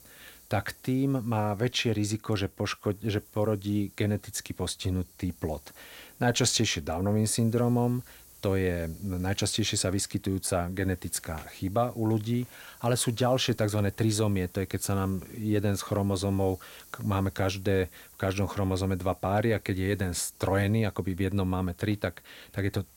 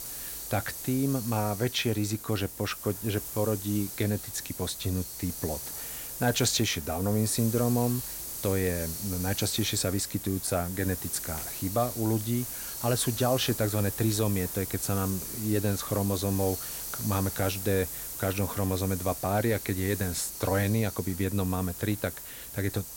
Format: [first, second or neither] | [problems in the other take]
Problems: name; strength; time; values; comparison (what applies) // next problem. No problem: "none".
first | hiss; loud; throughout; 6 dB below the speech; faint in the first